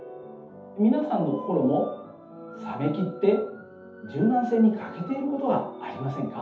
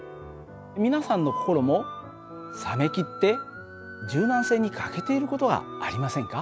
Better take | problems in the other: second | room echo; dies away in 0.6 s

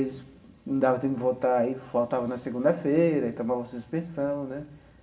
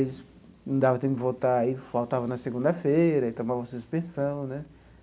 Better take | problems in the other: second | room echo; dies away in 0.7 s

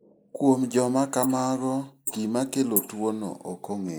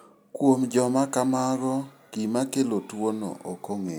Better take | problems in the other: second | noise reduction (neural mask model Resemble Enhance denoiser)

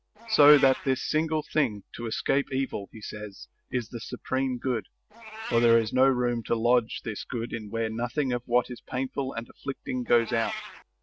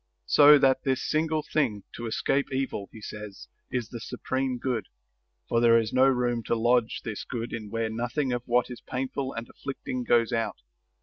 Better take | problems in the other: second | background sound (Meow); 18 dB below the speech

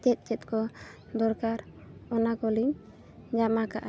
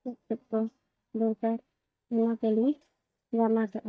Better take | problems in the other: first | noise reduction (neural mask model DeepFilterNet 3)

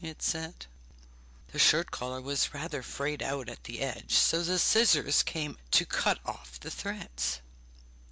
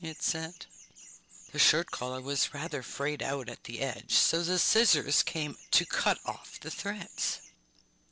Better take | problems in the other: first | noise reduction (neural separator model SepFormer DNS4)

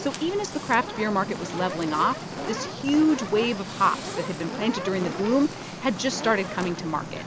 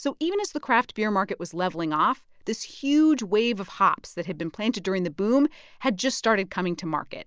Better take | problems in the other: second | background sound (Fire); 8 dB below the speech

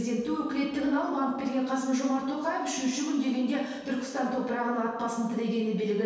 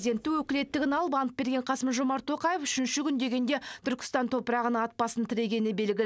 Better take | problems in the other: second | room echo; dies away in 1.2 s

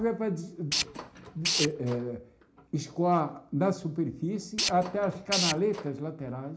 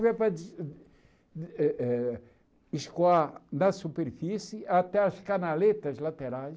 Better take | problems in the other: second | background sound (Tools); 3 dB below the speech // room echo; dies away in 0.4 s

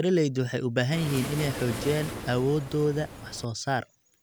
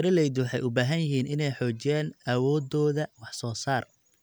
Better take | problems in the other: second | background sound (Waves, surf); 9 dB below the speech

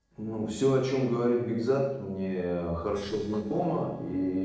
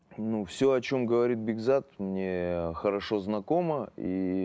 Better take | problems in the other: second | noise reduction (neural separator model SepFormer DNS4)

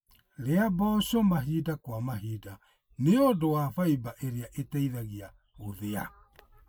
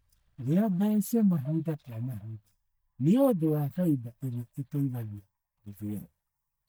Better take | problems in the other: first | noise reduction (neural mask model DeepFilterNet 3)

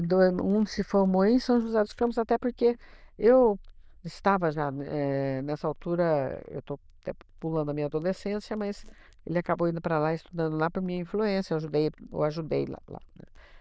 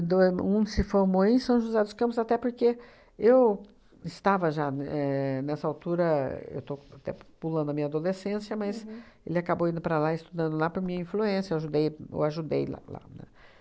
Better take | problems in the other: second | noise reduction (neural diffusion model UNIVERSE++)

